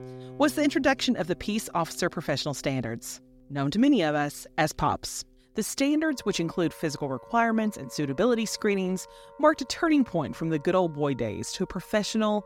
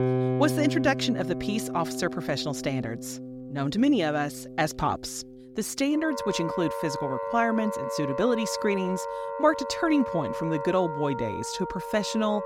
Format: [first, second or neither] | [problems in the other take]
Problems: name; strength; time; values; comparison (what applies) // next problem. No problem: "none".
first | background music; loud; throughout; 6 dB below the speech; faint in the first